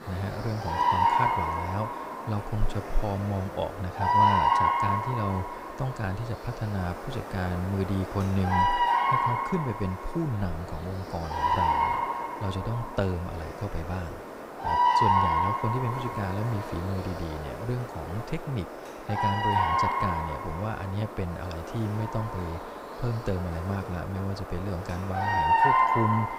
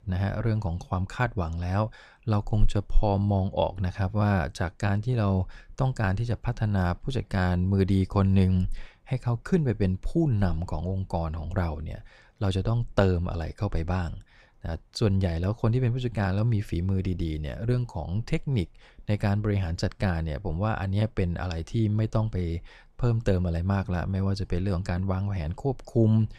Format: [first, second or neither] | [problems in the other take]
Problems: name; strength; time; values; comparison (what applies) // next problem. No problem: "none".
second | animal sounds; very loud; throughout; 5 dB above the speech